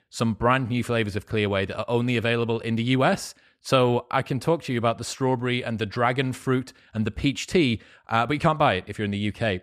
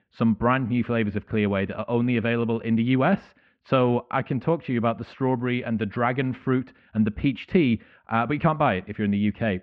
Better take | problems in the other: first | muffled; very; fading above 3 kHz

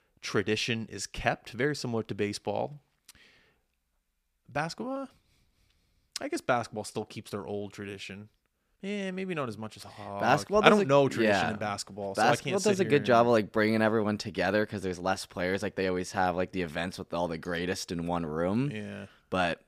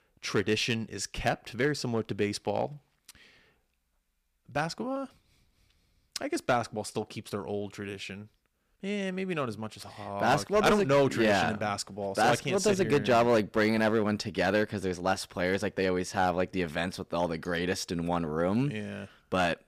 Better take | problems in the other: first | distortion; slight; 3% of the sound clipped

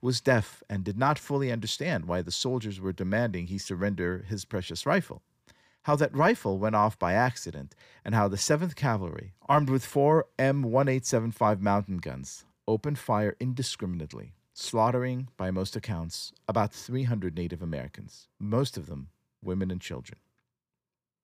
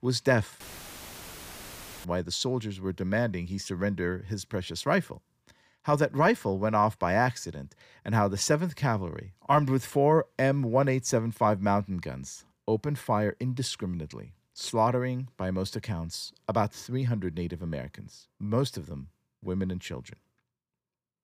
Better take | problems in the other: first | audio cutting out; filled with static; at 0.5 s for 1.5 s

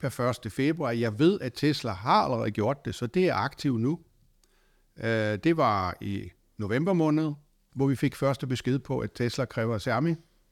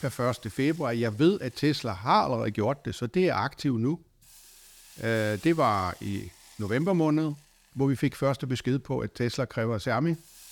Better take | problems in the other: first | hiss; faint; throughout; 25 dB below the speech

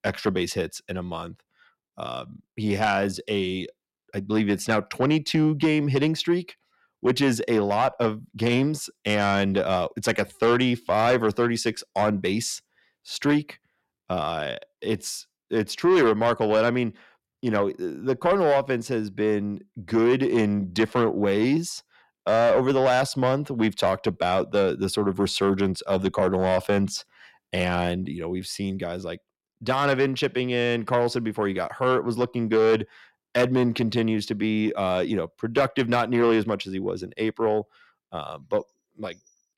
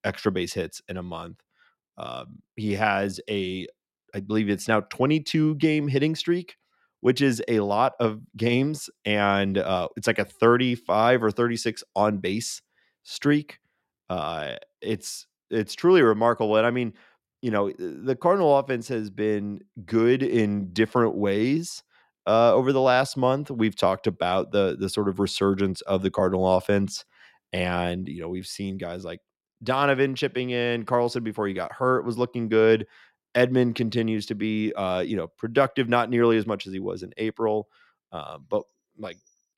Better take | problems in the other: second | distortion; slight; 10 dB below the speech

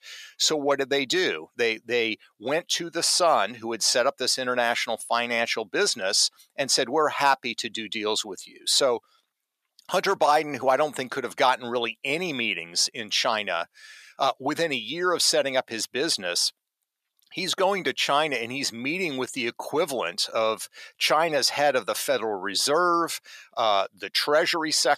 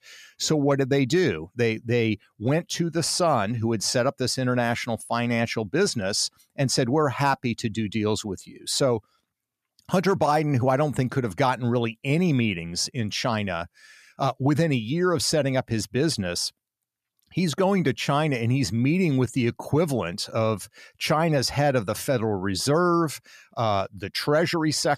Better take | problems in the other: second | thin; somewhat; fading below 500 Hz

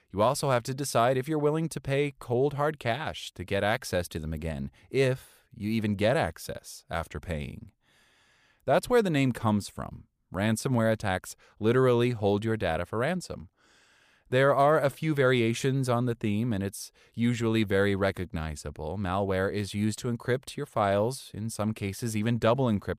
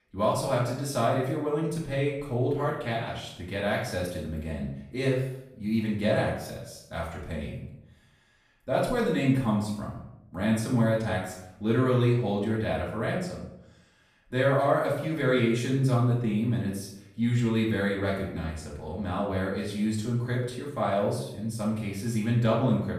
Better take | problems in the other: first | off-mic speech; far // room echo; noticeable; dies away in 0.6 s

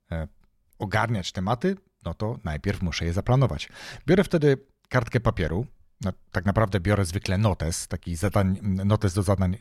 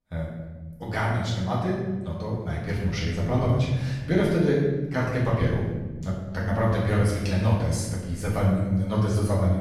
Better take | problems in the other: first | room echo; noticeable; dies away in 1.2 s // off-mic speech; far

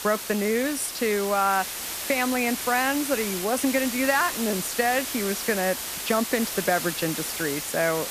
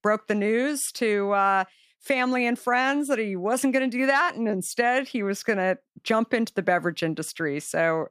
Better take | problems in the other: second | hiss; loud; throughout; 5 dB below the speech

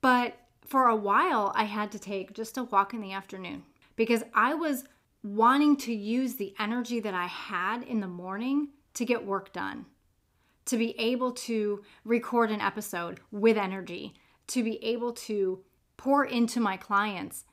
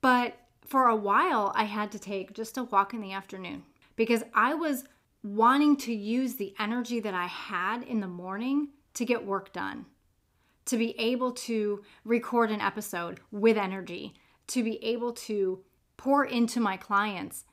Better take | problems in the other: neither | none

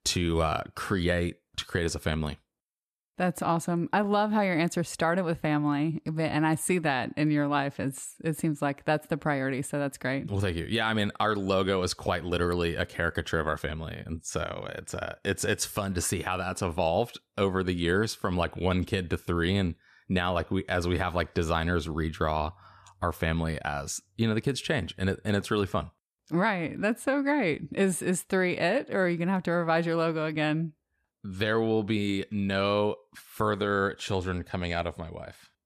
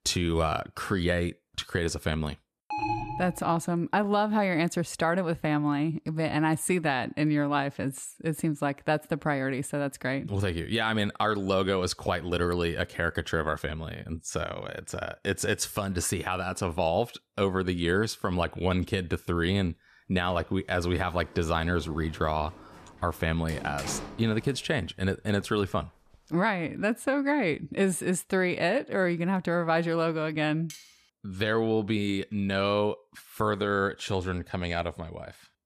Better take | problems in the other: first | alarm; noticeable; at 2.5 s; peak 2 dB below the speech // door banging; noticeable; from 20 to 26 s; peak 8 dB below the speech // clattering dishes; faint; at 31 s; peak 15 dB below the speech

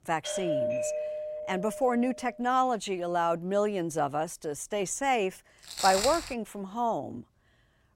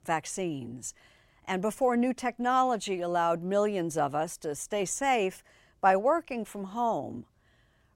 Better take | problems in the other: second | doorbell; loud; until 2 s; peak level with the speech // footsteps; noticeable; at 5.5 s; peak level with the speech

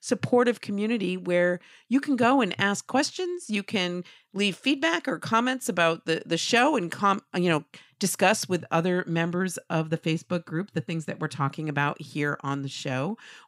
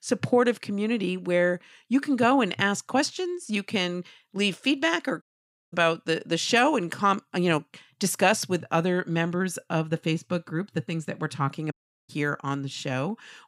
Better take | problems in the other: first | audio cutting out; at 5 s for 0.5 s and at 12 s

